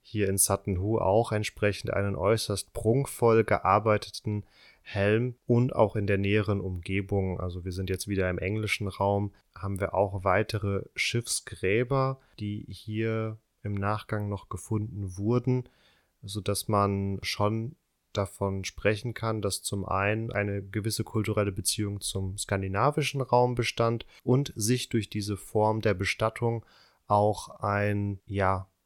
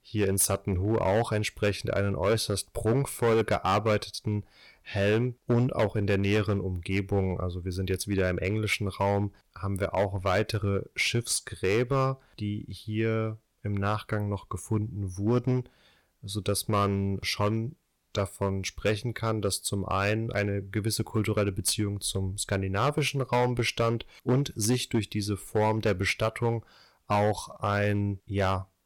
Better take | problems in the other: first | distortion; slight; 5% of the sound clipped

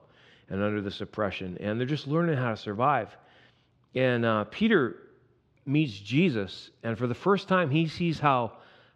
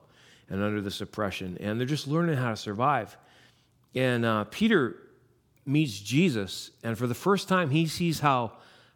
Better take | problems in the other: second | muffled; slightly; fading above 3 kHz

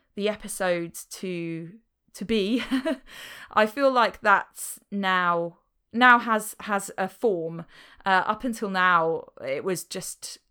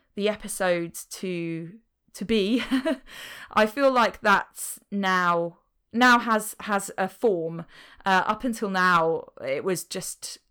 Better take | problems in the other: first | distortion; slight; 1.2% of the sound clipped

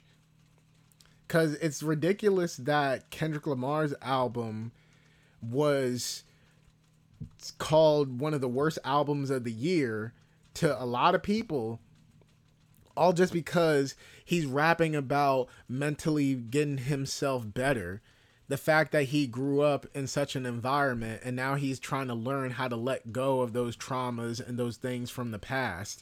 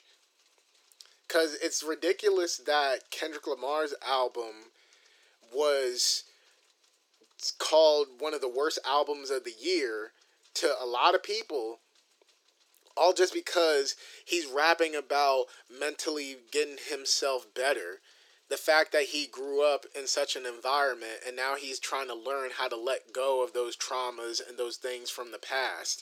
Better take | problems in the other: first | thin; very; fading below 350 Hz

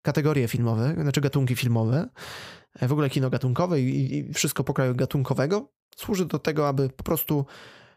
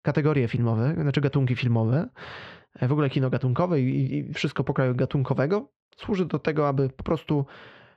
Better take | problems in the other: first | muffled; slightly; fading above 3.5 kHz

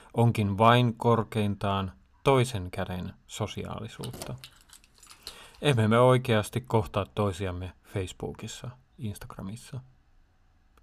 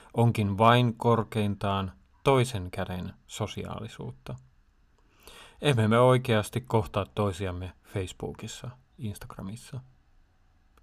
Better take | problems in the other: second | jangling keys; faint; from 4 to 5.5 s; peak 15 dB below the speech

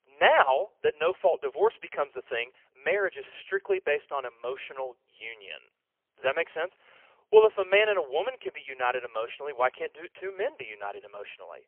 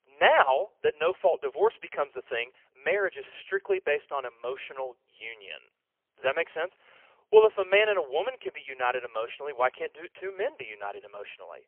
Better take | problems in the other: neither | phone-call audio; poor line; nothing above 3 kHz; the same in both

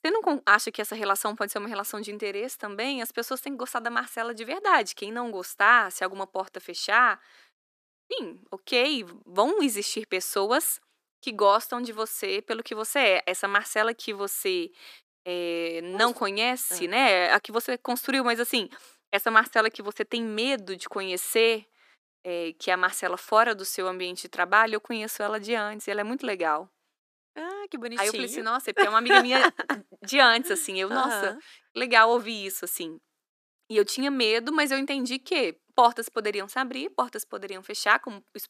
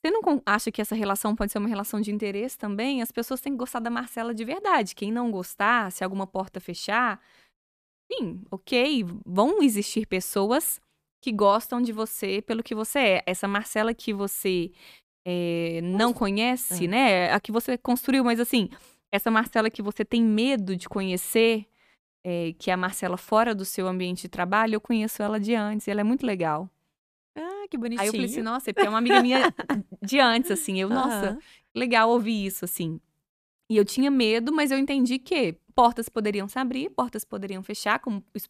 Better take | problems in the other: second | thin; somewhat; fading below 300 Hz

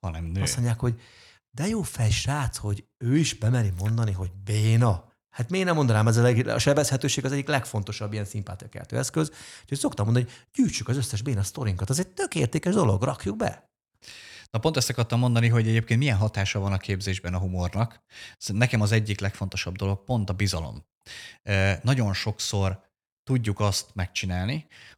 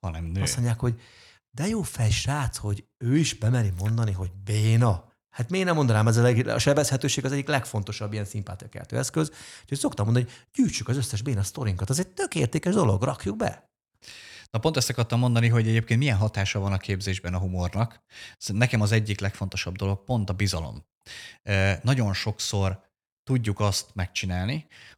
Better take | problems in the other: neither | none

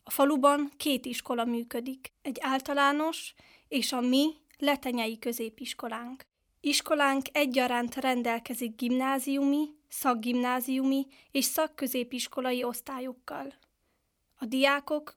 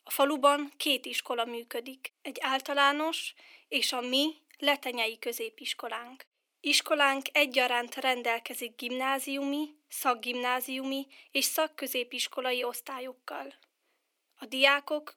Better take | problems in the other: first | thin; somewhat; fading below 300 Hz

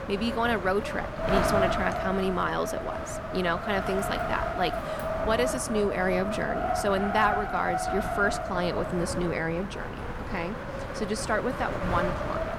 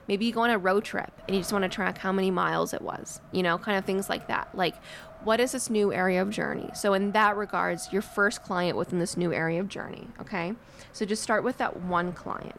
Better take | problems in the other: second | wind noise on the microphone; heavy; 1 dB below the speech; occasional gusts in the second

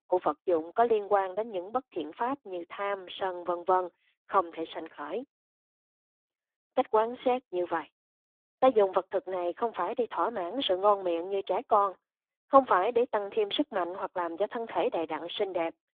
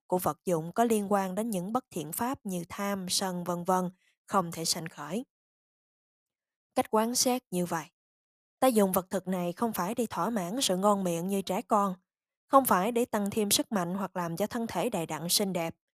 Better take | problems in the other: second | phone-call audio; poor line; nothing above 3.5 kHz

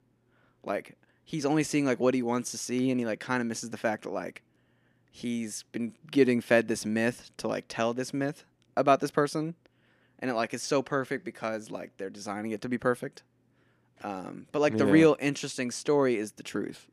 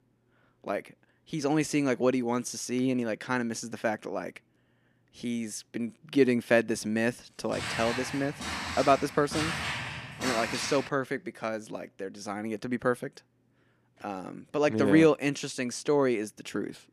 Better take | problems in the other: first | footsteps; noticeable; from 7.5 to 11 s; peak 1 dB below the speech

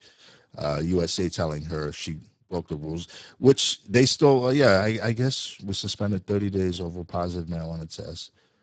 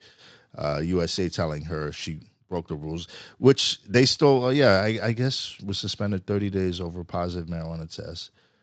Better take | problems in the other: second | garbled, watery; badly; nothing above 7.5 kHz; slightly in the second

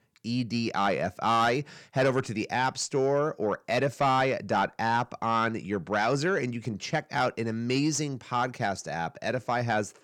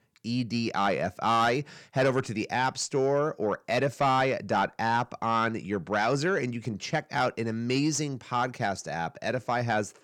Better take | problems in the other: neither | distortion; slight; 10 dB below the speech; the same in both

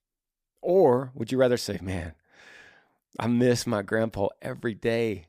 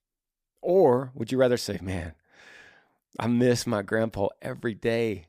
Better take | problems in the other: neither | none

